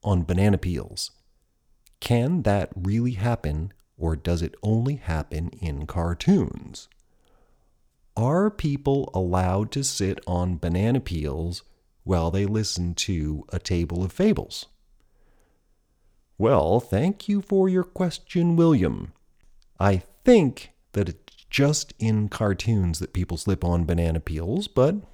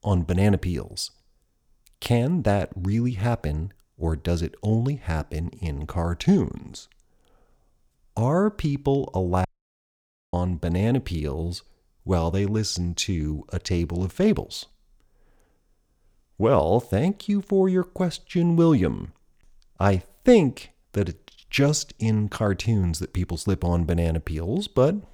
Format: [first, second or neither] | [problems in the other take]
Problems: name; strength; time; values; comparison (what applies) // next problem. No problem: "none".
first | audio cutting out; at 9.5 s for 1 s